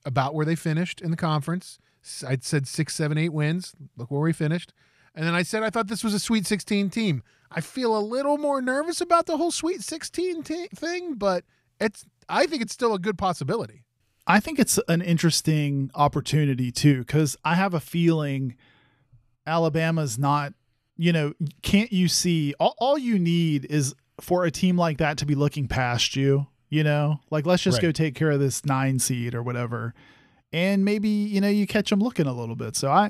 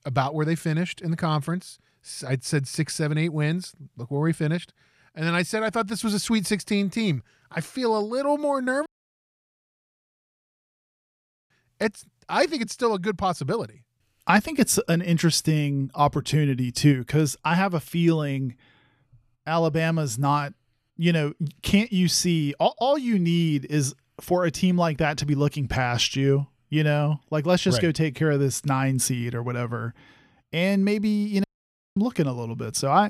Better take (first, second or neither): first